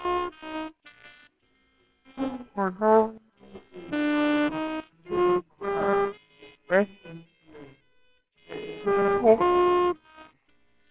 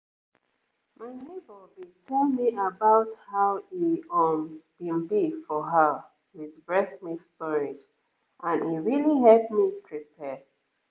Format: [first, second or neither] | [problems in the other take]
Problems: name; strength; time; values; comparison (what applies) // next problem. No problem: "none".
second | noise reduction (neural separator model SepFormer WHAMR!)